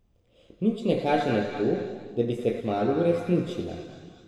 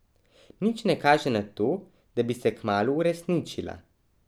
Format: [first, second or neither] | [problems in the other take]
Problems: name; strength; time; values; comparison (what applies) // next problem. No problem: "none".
second | room echo; dies away in 2.2 s